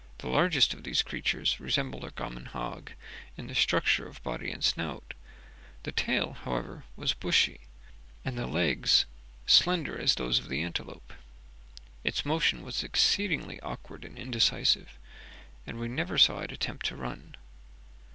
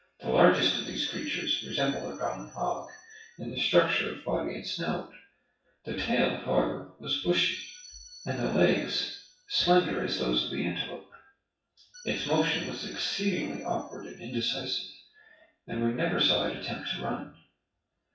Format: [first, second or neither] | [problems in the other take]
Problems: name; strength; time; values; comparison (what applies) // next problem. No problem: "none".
first | noise reduction (classical method WPE with log-MMSE)